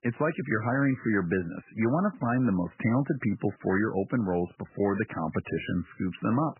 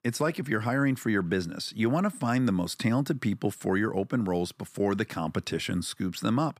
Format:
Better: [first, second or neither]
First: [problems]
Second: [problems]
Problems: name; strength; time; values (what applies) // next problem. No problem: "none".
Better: second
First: garbled, watery; badly; nothing above 3 kHz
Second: none